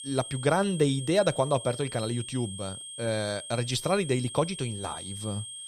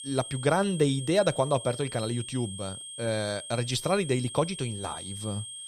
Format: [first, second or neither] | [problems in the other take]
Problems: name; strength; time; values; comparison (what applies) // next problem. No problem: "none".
neither | high-pitched whine; loud; throughout; 8.5 kHz, 10 dB below the speech; the same in both